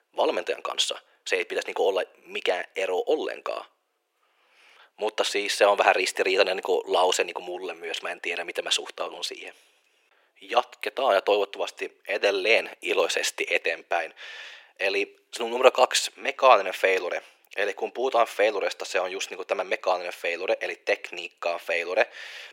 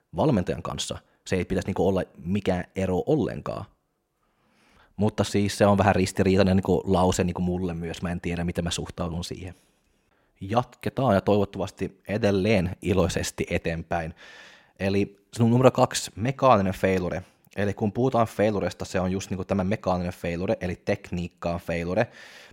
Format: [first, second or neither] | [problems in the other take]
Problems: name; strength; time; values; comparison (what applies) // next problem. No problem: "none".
second | thin; very; fading below 400 Hz